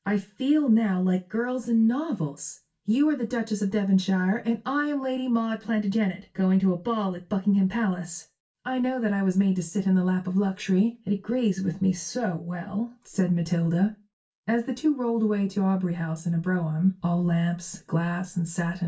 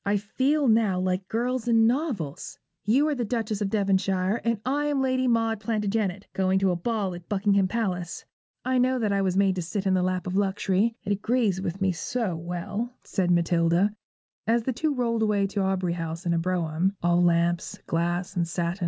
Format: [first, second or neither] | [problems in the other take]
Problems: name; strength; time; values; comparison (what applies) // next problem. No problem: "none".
second | room echo; dies away in 0.2 s